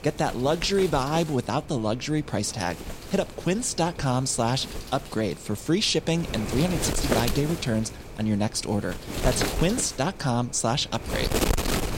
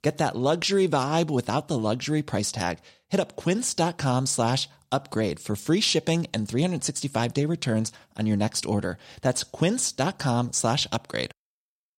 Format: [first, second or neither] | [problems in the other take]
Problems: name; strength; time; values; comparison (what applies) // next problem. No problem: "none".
second | wind noise on the microphone; heavy; 5 dB below the speech